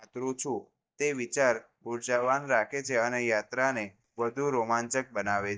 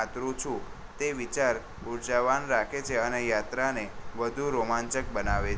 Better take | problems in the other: second | noise reduction (neural mask model DeepFilterNet 3)

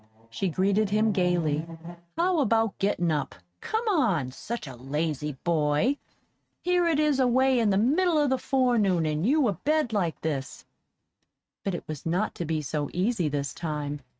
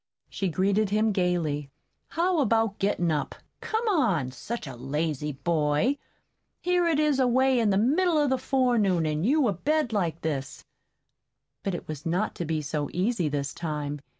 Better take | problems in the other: second | noise reduction (neural mask model RNNoise)

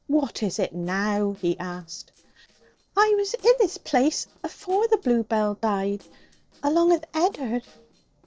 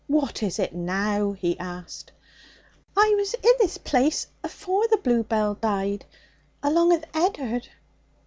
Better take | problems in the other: second | noise reduction (neural separator model SepFormer DNS4)

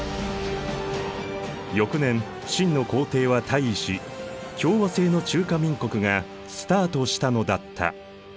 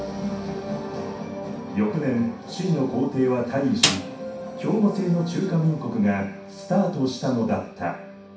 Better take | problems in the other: first | background sound (Snare drum); 1 dB below the speech // room echo; dies away in 0.6 s

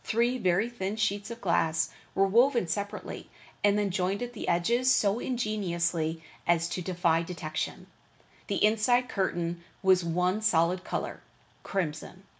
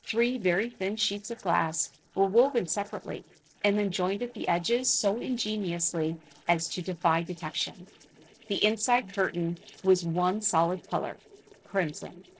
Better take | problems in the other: first | noise reduction (neural separator model SepFormer DNS4)

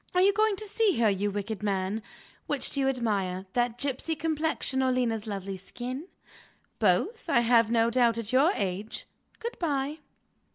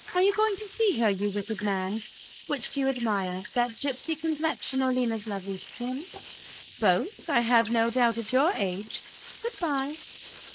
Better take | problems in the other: first | noise reduction (neural mask model Resemble Enhance denoiser)

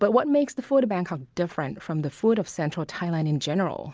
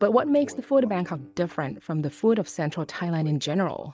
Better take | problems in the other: first | noise reduction (neural mask model DeepFilterNet 3)

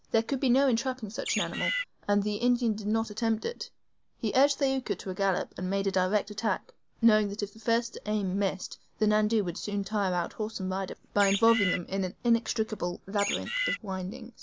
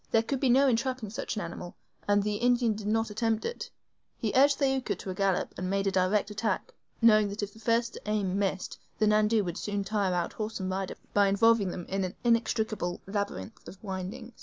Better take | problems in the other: second | background sound (Bird); 3 dB below the speech

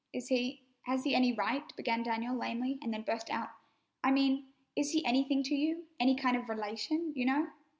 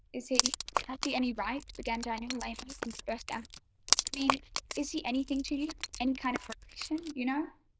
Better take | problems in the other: first | noise reduction (neural diffusion model UNIVERSE++)

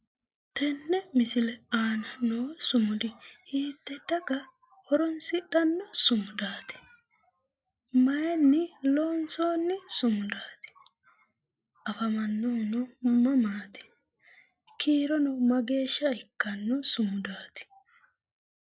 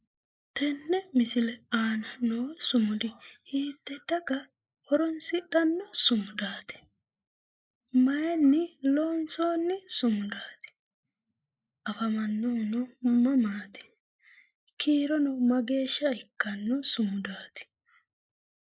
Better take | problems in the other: first | noise reduction (neural mask model Resemble Enhance denoiser)

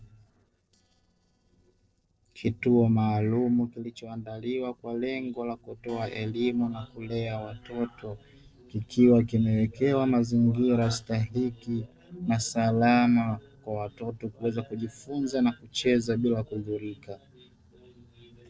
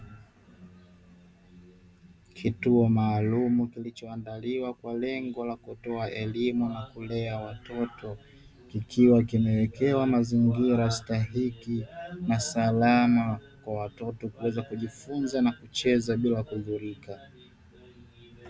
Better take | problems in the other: second | noise reduction (neural separator model SepFormer DNS4)

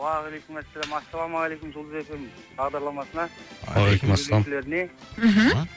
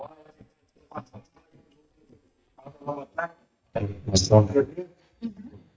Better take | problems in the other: first | noise reduction (neural mask model DeepFilterNet 3)

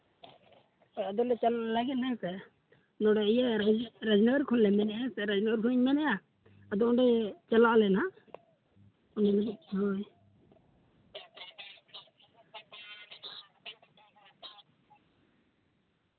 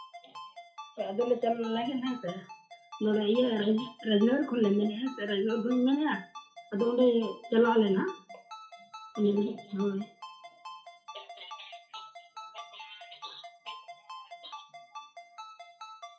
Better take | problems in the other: first | noise reduction (classical method WPE with log-MMSE)

